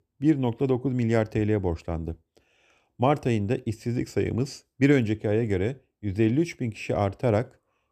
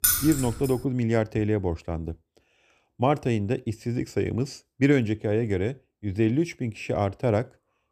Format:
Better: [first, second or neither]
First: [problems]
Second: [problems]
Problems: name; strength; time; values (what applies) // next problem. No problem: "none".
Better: first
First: none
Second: jangling keys; loud; at the start; peak 5 dB above the speech